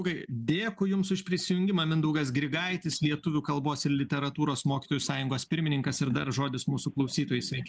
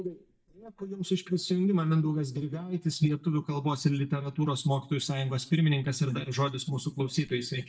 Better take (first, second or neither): first